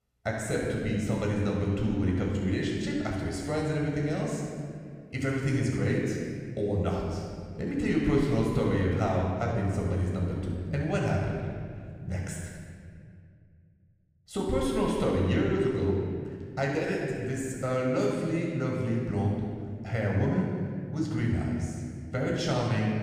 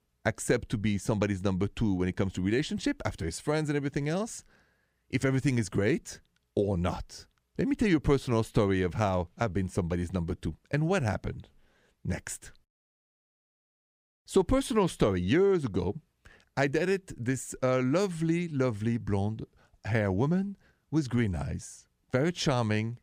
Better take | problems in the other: second | off-mic speech; far // room echo; strong; dies away in 2 s

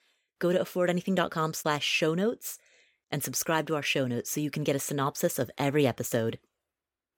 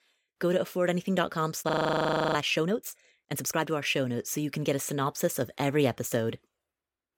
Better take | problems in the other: first | audio freezing; at 1.5 s for 0.5 s

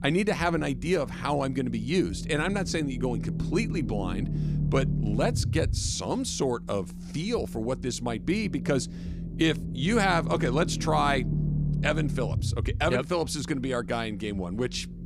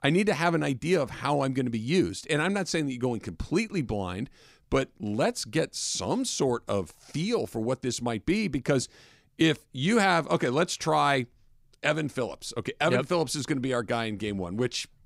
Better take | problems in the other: second | low rumble; noticeable; throughout; 15 dB below the speech

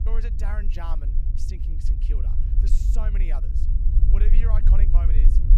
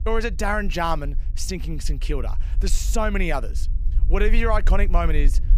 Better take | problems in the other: second | low rumble; loud; throughout; 3 dB below the speech; faint in the second

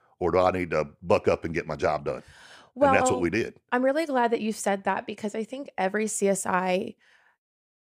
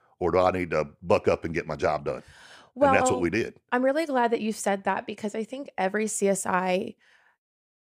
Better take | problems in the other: neither | none

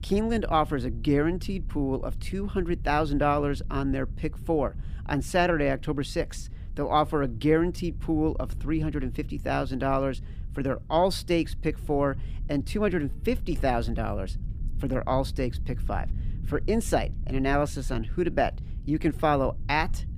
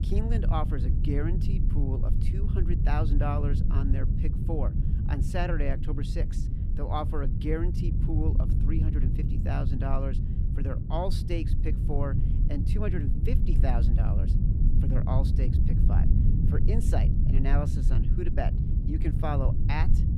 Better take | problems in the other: first | low rumble; loud; throughout; 4 dB below the speech; faint in the first

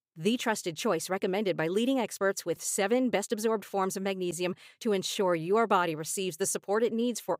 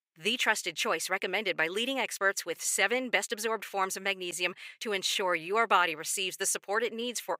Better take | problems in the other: first | thin; somewhat; fading below 850 Hz

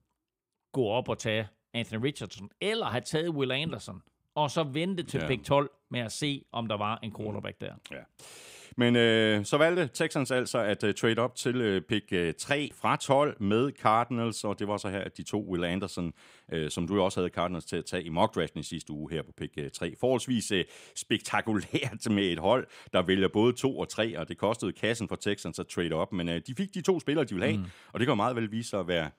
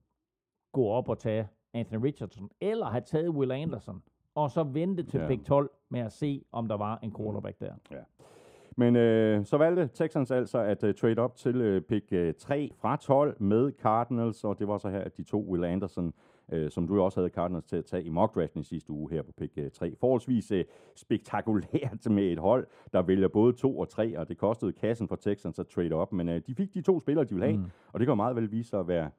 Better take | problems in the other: first | muffled; very; fading above 1.5 kHz

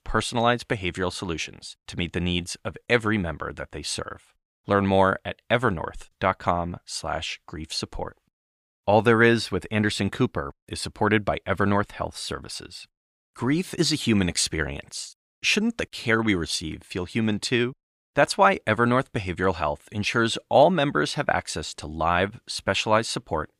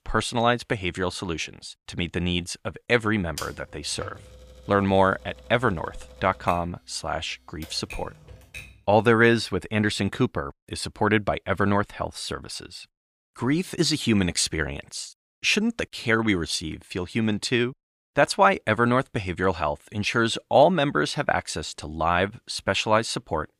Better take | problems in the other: first | keyboard typing; faint; from 3.5 to 8.5 s; peak 15 dB below the speech

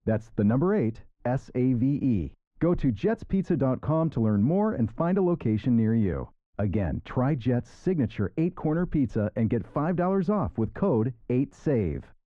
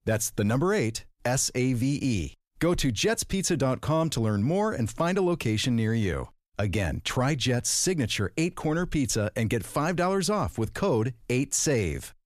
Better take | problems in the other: second | muffled; very; fading above 1 kHz

